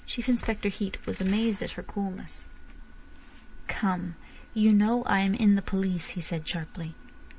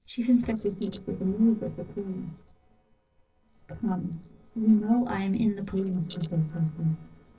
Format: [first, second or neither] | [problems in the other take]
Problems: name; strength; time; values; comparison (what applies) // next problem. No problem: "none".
first | noise reduction (neural separator model SepFormer DNS4)